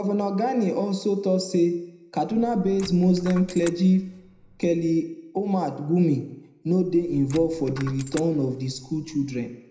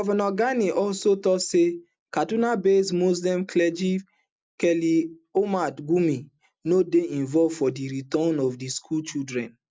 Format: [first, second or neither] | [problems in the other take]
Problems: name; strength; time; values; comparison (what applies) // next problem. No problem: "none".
second | background sound (Coin (dropping)); 20 dB below the speech // room echo; dies away in 0.7 s